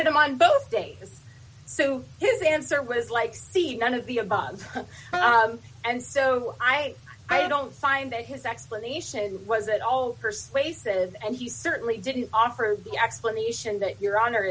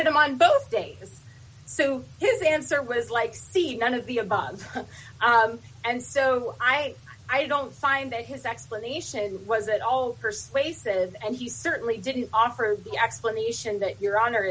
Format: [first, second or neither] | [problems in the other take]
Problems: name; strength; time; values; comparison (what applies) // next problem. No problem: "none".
second | background sound (Wind instrument, woodwind instrument); 5 dB below the speech